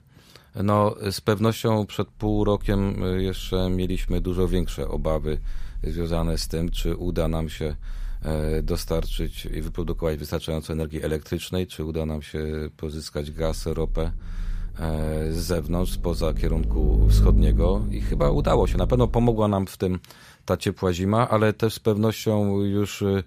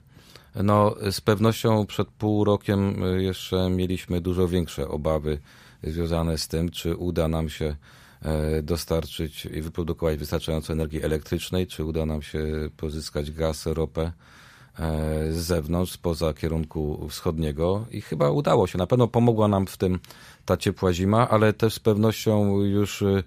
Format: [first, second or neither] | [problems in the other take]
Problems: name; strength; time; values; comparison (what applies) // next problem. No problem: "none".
second | low rumble; noticeable; from 2.5 to 10 s and from 13 to 19 s; 15 dB below the speech